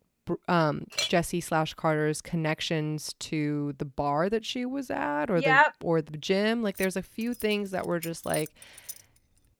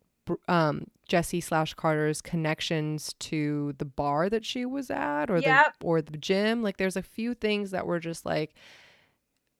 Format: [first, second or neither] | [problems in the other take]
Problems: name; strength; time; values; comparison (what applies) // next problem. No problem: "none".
second | clattering dishes; noticeable; at 1 s; peak 2 dB below the speech // jangling keys; noticeable; from 7 to 9 s; peak 10 dB below the speech